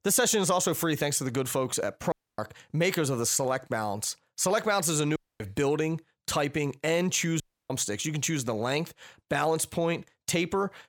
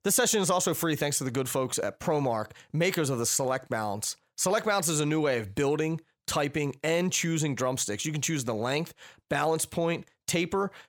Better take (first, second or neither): second